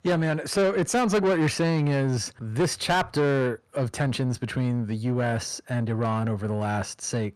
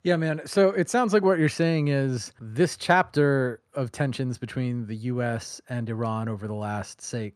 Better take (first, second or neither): second